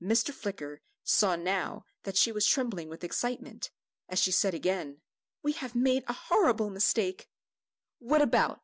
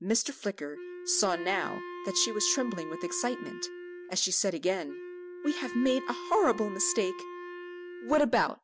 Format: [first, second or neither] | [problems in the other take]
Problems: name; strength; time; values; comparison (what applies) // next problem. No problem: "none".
first | background sound (Wind instrument, woodwind instrument); 11 dB below the speech